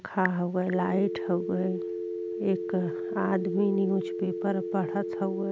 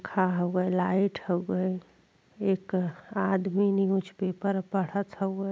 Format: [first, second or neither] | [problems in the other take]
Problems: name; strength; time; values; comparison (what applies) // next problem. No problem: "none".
second | background sound (Telephone); 4 dB below the speech